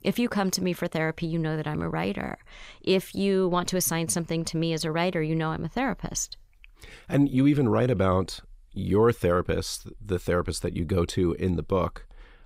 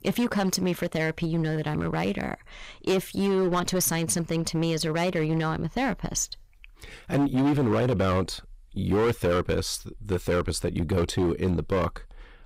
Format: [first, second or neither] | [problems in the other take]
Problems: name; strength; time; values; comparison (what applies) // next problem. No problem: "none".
first | distortion; slight; 10% of the sound clipped